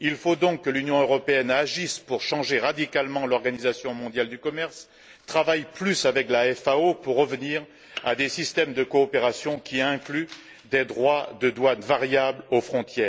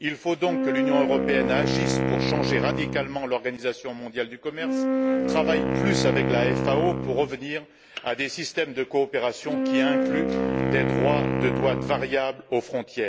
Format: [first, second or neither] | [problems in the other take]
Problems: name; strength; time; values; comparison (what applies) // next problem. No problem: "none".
first | background sound (Wind instrument, woodwind instrument); 2 dB above the speech